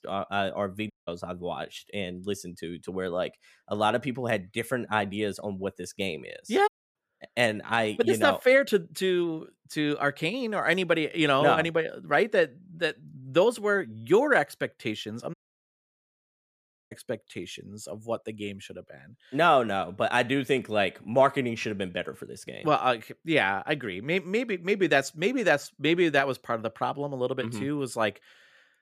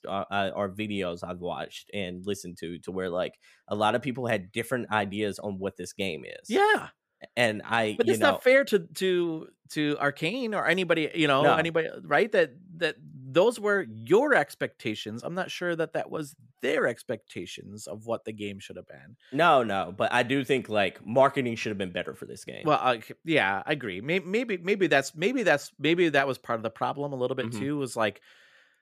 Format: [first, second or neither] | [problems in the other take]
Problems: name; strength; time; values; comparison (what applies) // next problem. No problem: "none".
second | audio cutting out; at 1 s, at 6.5 s and at 15 s for 1.5 s